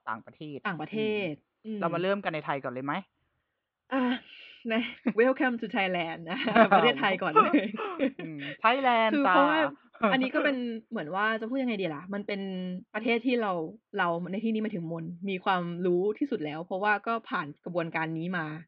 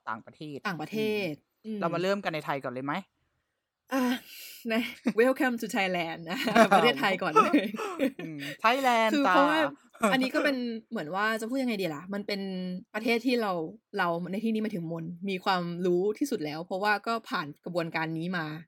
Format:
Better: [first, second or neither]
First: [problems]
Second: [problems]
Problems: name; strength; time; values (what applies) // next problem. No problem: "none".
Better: second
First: muffled; very; fading above 3.5 kHz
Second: none